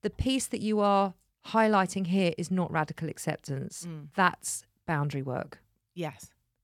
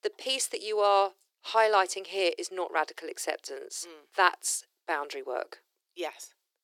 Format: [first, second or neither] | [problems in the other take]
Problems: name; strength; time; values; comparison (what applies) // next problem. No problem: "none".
first | thin; very; fading below 350 Hz